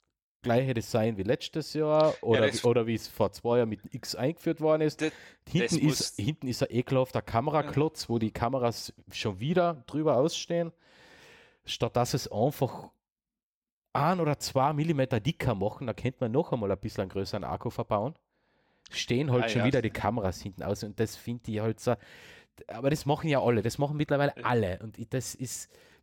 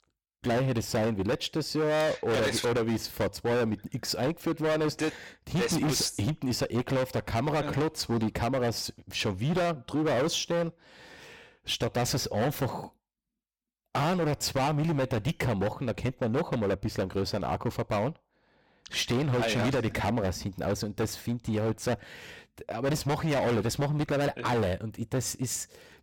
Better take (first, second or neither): first